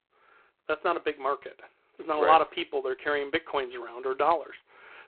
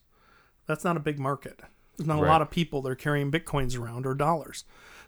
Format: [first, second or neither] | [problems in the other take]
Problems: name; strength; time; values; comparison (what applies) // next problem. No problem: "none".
second | phone-call audio; poor line